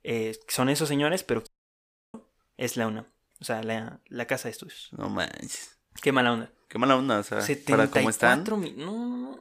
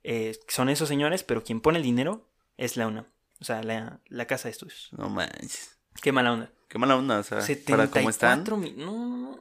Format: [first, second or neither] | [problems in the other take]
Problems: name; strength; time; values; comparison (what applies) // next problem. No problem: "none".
second | audio cutting out; at 1.5 s for 0.5 s